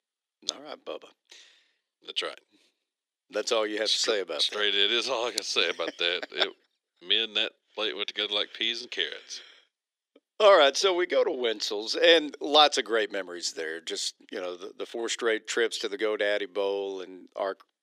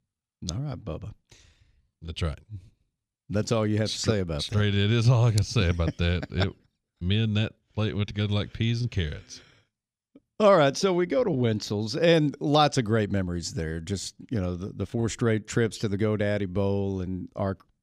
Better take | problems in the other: second | thin; very; fading below 350 Hz

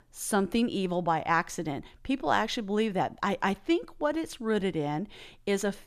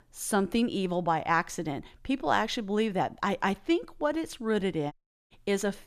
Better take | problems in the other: first | audio cutting out; at 5 s

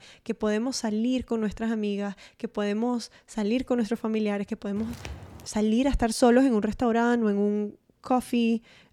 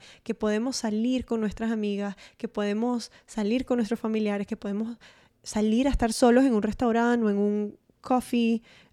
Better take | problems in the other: second | footsteps; faint; at 5 s; peak 15 dB below the speech

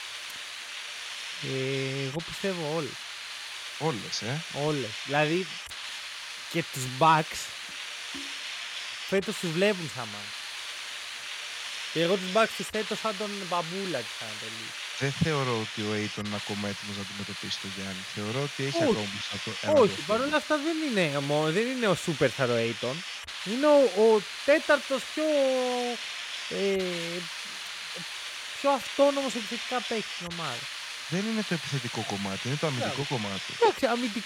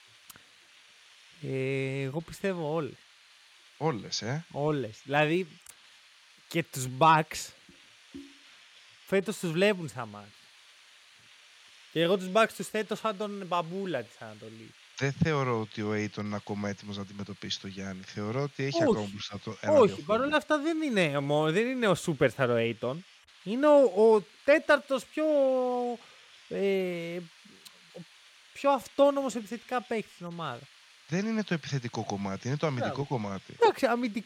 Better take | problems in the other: second | hiss; loud; throughout; 6 dB below the speech; faint in the second

